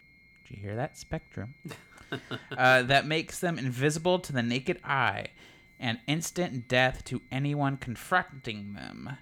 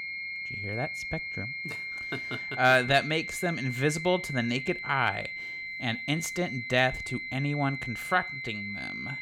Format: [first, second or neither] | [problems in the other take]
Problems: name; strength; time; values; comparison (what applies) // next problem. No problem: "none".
first | high-pitched whine; loud; throughout; 2 kHz, 6 dB below the speech; faint in the first